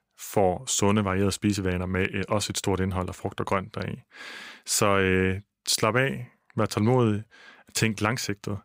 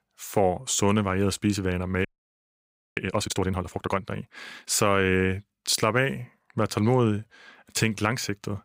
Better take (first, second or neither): first